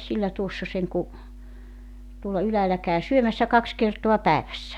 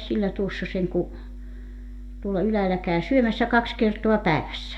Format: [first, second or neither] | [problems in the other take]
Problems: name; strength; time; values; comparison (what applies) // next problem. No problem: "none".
first | room echo; dies away in 0.6 s